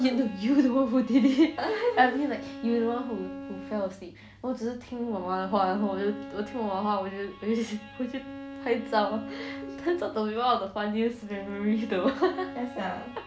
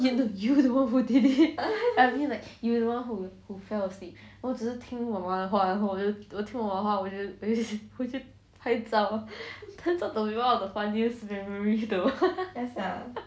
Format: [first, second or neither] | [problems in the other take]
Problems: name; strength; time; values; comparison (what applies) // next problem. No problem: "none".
second | background sound (Bowed string instrument); 14 dB below the speech